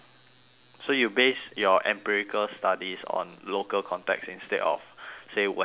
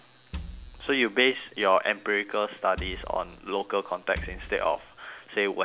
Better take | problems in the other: first | background sound (Wood); 13 dB below the speech

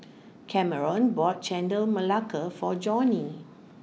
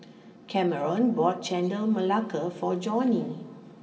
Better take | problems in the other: first | room echo; dies away in 2.6 s

